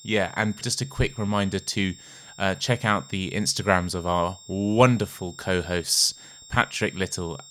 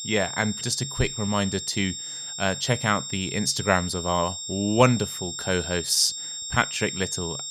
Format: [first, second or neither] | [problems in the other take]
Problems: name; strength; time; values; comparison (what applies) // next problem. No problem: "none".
first | high-pitched whine; loud; throughout; 7.5 kHz, 6 dB below the speech; faint in the first